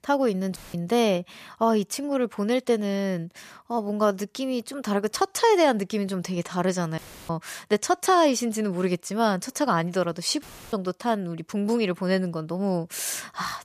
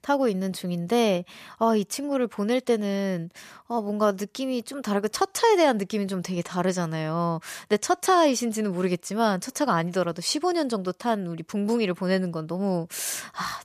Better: second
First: audio cutting out; filled with static; at 0.5 s, at 7 s and at 10 s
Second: none

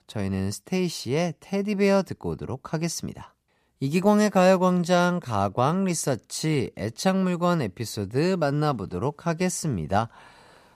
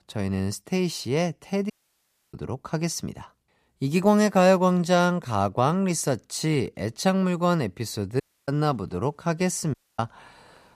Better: first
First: none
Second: audio cutting out; at 1.5 s for 0.5 s, at 8 s and at 9.5 s

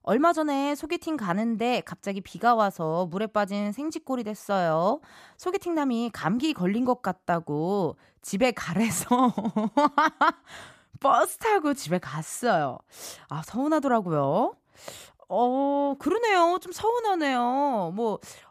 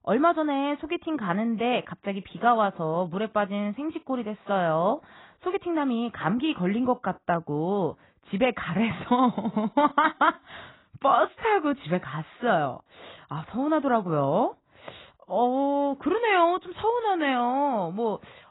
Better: first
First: none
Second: garbled, watery; badly; nothing above 4 kHz

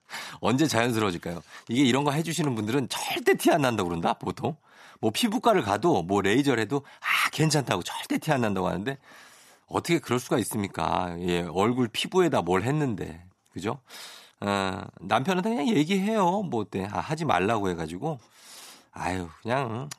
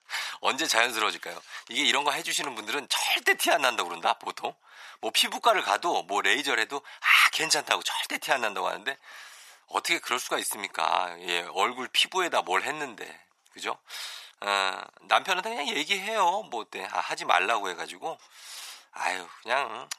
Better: first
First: none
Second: thin; very; fading below 750 Hz

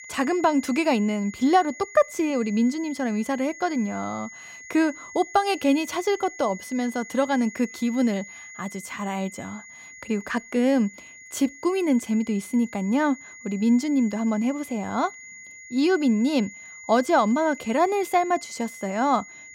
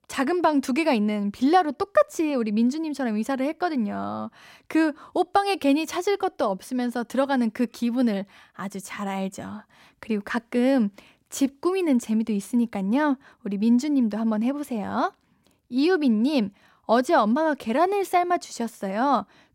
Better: second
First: high-pitched whine; noticeable; throughout; 2 kHz, 15 dB below the speech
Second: none

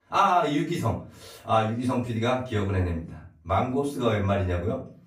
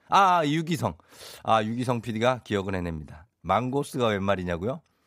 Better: second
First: off-mic speech; far // room echo; slight; dies away in 0.3 s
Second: none

